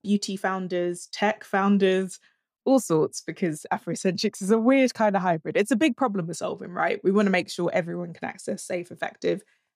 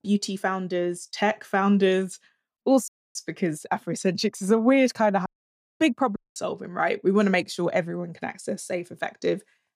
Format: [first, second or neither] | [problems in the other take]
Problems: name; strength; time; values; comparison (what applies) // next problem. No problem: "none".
first | audio cutting out; at 3 s, at 5.5 s for 0.5 s and at 6 s